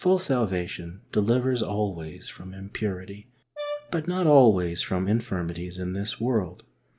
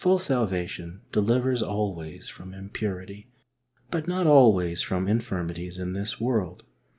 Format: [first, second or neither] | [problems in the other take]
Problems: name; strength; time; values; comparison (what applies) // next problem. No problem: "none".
second | background sound (Brass instrument); 13 dB below the speech